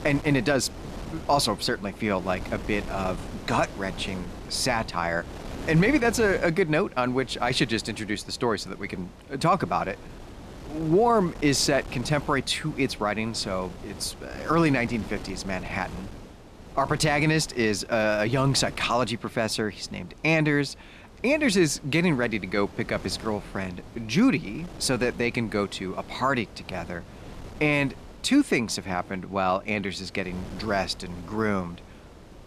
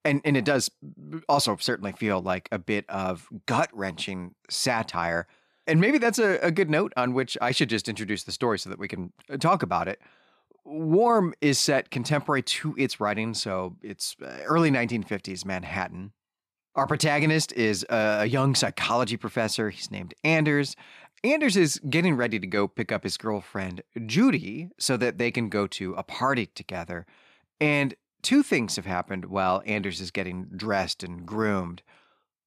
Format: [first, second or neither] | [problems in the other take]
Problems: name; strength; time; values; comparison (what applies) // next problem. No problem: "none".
second | wind noise on the microphone; occasional gusts; 20 dB below the speech